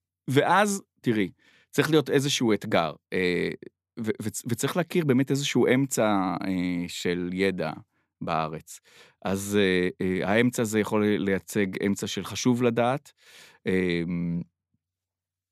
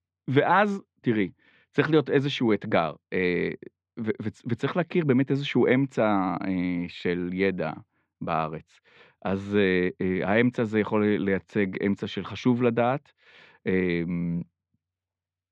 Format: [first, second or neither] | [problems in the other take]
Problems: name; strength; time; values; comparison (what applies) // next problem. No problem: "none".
first | muffled; very; fading above 3 kHz